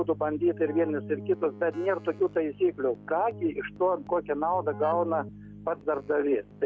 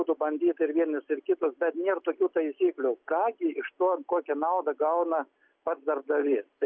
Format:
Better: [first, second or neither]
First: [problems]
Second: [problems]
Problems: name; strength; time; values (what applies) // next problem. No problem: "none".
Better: second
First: background sound (Keyboard (musical)); 15 dB below the speech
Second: none